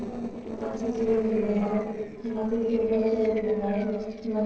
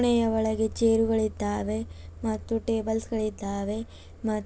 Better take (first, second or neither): second